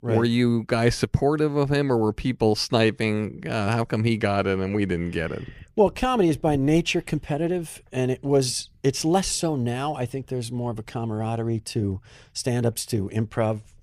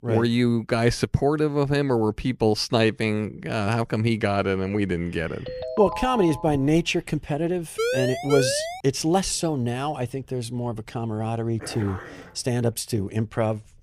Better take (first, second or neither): first